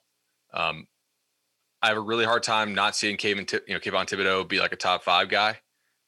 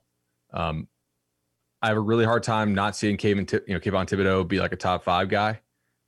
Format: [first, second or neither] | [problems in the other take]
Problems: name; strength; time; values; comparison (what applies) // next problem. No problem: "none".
second | thin; somewhat; fading below 950 Hz